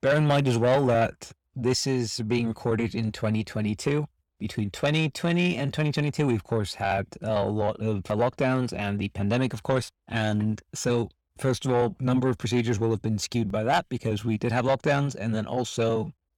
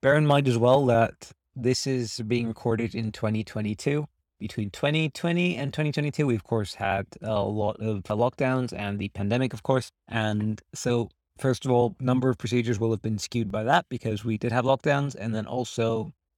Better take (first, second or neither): second